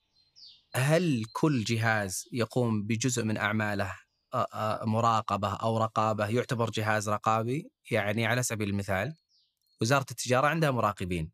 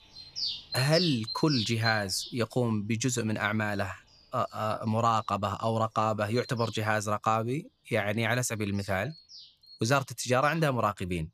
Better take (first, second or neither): first